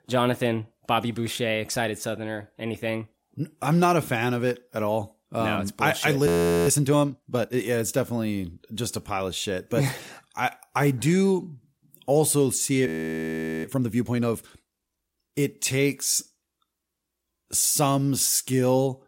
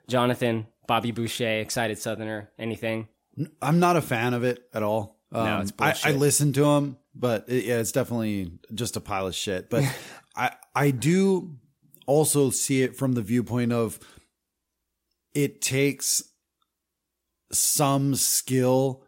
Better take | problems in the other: second | audio freezing; at 6.5 s and at 13 s for 1 s

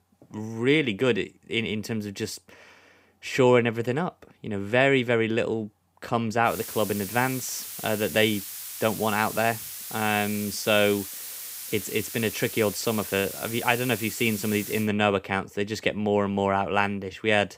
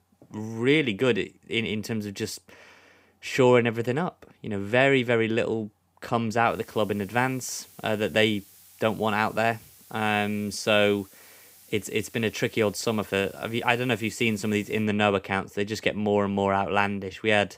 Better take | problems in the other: second | hiss; loud; from 6.5 to 15 s; 9 dB below the speech; faint in the second

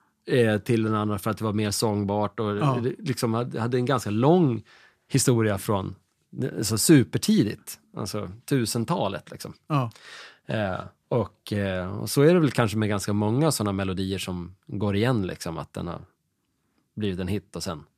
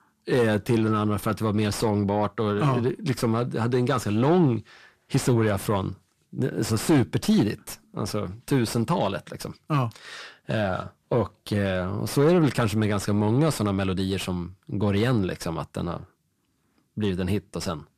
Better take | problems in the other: first | distortion; slight; 10 dB below the speech

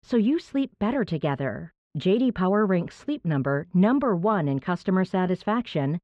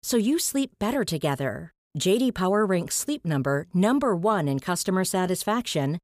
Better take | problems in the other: second | muffled; very; fading above 3 kHz

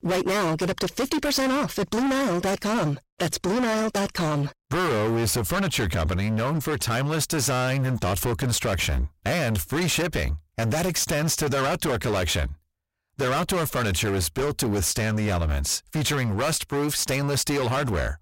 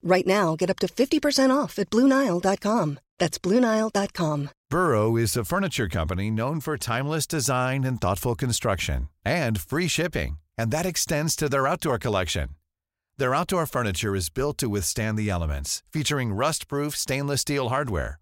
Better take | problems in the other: second | distortion; heavy; 33% of the sound clipped

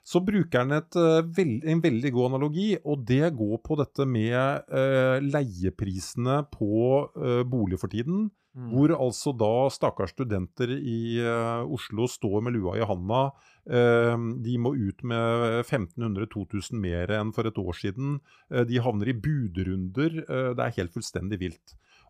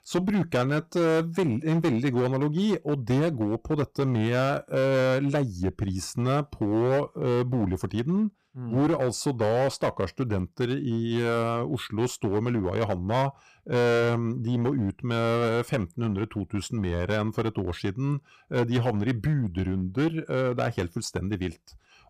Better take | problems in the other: first | distortion; slight; 11% of the sound clipped

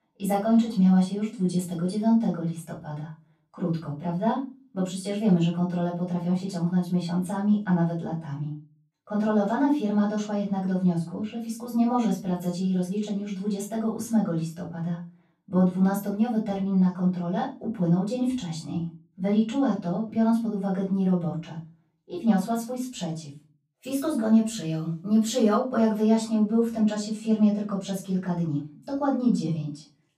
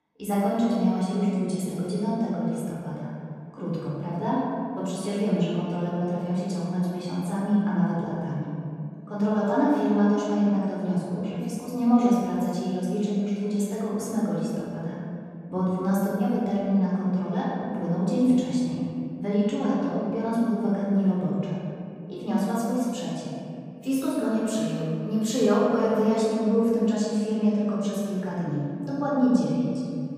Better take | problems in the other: first | room echo; strong; dies away in 2.4 s; slight in the first // off-mic speech; far; far in the first

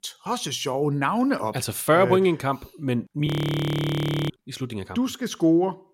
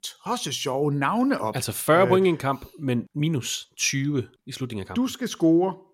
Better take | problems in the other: second | audio freezing; at 3.5 s for 1 s

